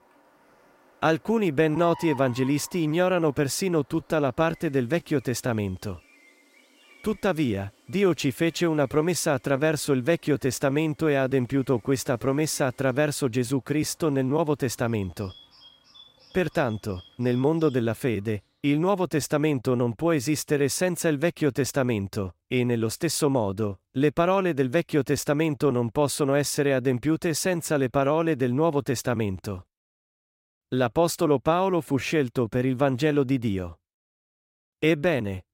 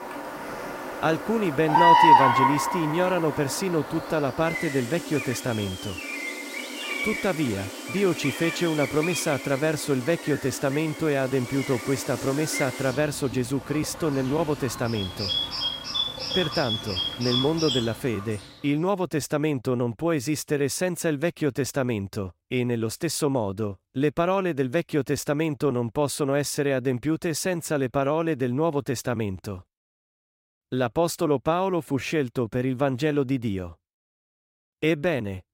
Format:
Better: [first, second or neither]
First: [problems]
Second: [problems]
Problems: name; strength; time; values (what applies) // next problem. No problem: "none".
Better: first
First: animal sounds; faint; until 18 s; 25 dB below the speech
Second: animal sounds; loud; until 18 s; 1 dB below the speech